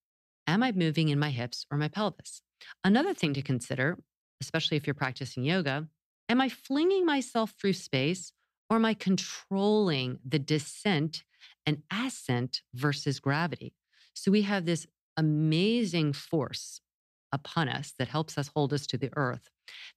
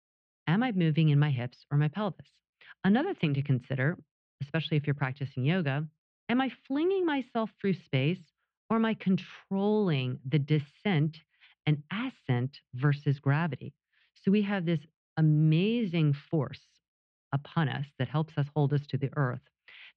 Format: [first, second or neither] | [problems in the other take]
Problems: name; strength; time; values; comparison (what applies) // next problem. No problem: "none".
first | muffled; very; fading above 3 kHz